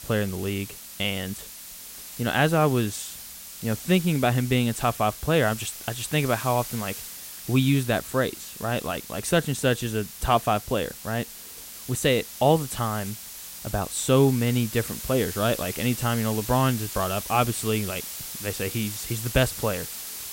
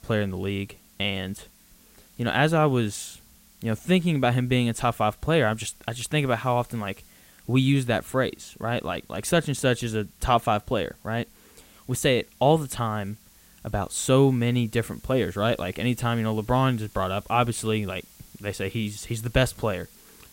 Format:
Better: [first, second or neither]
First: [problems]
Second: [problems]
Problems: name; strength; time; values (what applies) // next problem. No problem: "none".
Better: second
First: hiss; loud; throughout; 10 dB below the speech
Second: hiss; faint; throughout; 25 dB below the speech